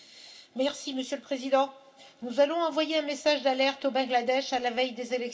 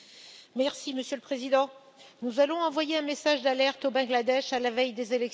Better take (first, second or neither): second